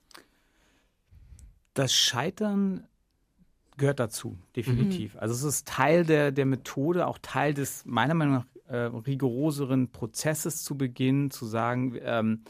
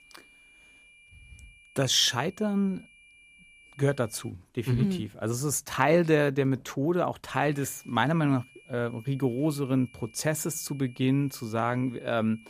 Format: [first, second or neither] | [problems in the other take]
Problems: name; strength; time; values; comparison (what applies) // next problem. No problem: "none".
first | high-pitched whine; faint; until 4.5 s and from 7.5 s on; 2.5 kHz, 25 dB below the speech